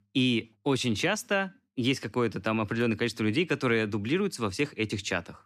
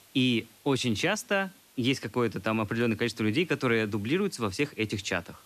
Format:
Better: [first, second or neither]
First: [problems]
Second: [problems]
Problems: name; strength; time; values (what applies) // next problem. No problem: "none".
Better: first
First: none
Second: hiss; faint; throughout; 25 dB below the speech